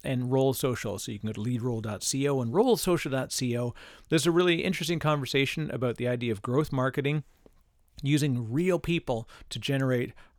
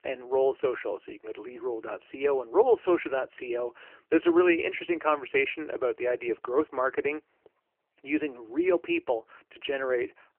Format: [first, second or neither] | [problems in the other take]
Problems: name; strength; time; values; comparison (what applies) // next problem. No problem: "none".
first | phone-call audio; poor line; nothing above 3 kHz